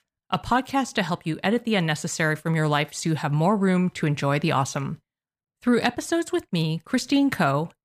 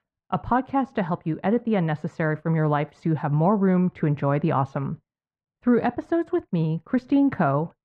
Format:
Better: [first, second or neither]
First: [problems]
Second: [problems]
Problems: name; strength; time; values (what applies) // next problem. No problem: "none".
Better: first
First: none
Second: muffled; very; fading above 3.5 kHz